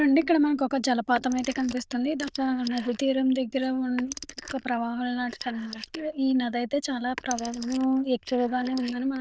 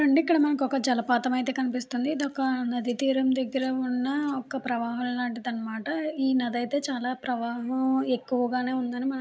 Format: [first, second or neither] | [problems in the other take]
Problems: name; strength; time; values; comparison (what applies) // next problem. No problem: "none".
second | noise reduction (neural diffusion model UNIVERSE++)